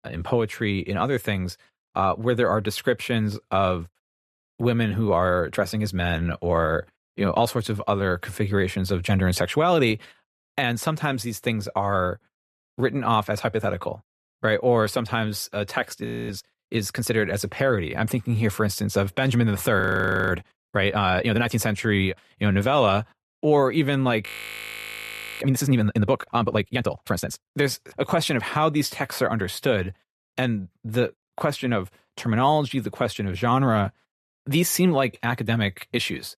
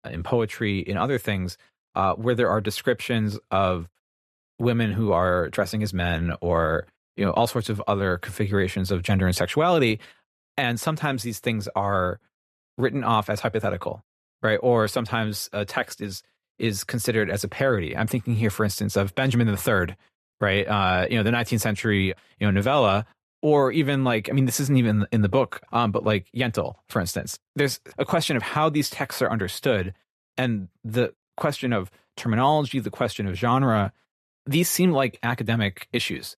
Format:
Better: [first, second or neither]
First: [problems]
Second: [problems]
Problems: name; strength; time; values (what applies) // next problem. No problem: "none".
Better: second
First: audio freezing; at 16 s, at 20 s for 0.5 s and at 24 s for 1 s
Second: none